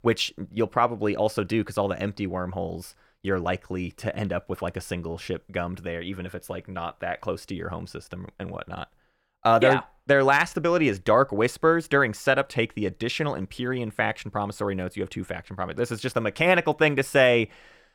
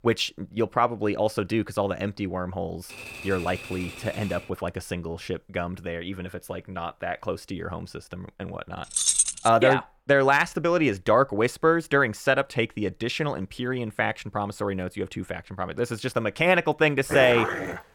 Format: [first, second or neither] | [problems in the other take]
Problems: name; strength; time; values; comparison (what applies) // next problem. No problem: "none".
first | keyboard typing; faint; from 3 to 4.5 s; peak 10 dB below the speech // jangling keys; loud; at 9 s; peak 6 dB above the speech // dog barking; noticeable; at 17 s; peak 1 dB below the speech